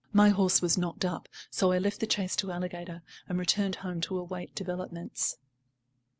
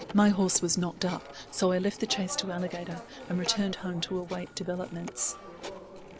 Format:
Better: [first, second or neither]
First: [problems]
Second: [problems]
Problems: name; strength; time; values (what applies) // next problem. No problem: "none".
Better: first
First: none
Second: background sound (Telephone); 14 dB below the speech